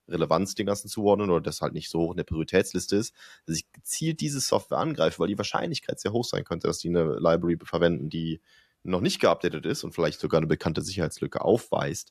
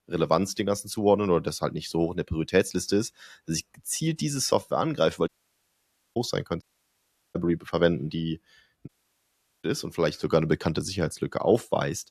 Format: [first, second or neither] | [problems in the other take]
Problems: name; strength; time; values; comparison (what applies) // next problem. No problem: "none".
first | audio cutting out; at 5.5 s for 1 s, at 6.5 s for 0.5 s and at 9 s for 1 s